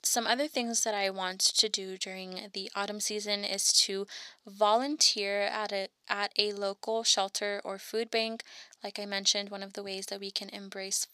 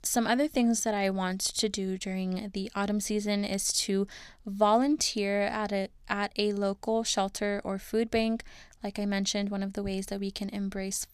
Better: second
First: thin; somewhat; fading below 400 Hz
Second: none

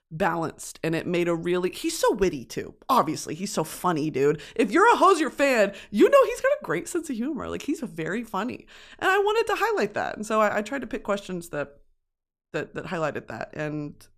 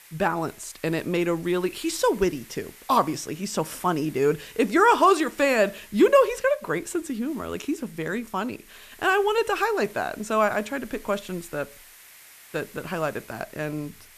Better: first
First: none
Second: hiss; faint; throughout; 25 dB below the speech

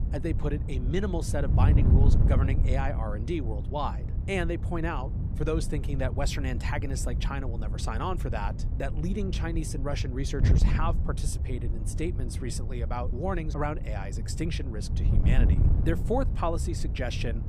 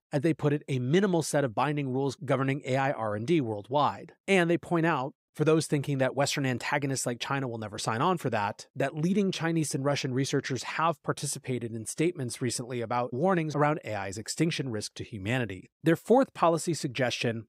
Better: second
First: wind noise on the microphone; heavy; 8 dB below the speech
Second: none

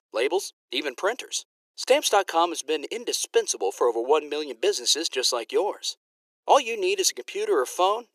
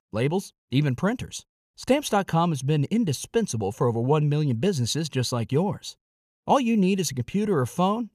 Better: second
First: thin; very; fading below 350 Hz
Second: none

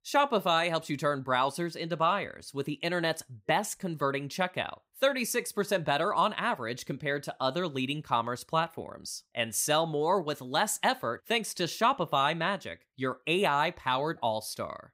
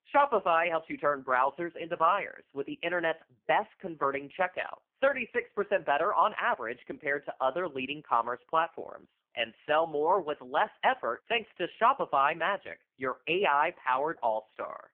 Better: first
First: none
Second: phone-call audio; poor line

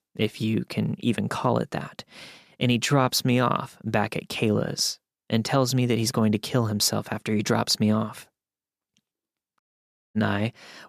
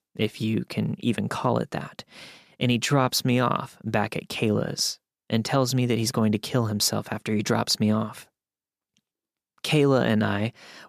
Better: second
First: audio cutting out; at 9.5 s for 0.5 s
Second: none

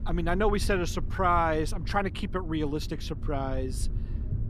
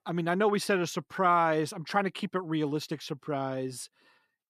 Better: second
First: low rumble; faint; throughout; 20 dB below the speech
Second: none

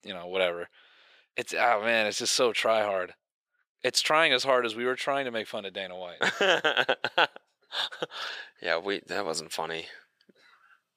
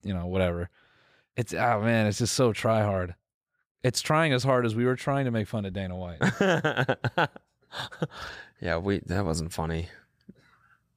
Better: second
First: thin; very; fading below 450 Hz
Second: none

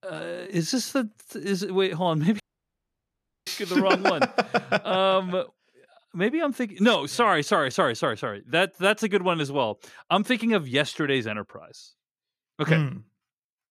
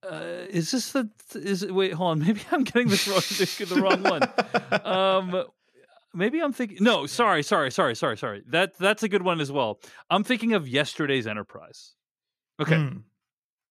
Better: second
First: audio cutting out; at 2.5 s for 1 s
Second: none

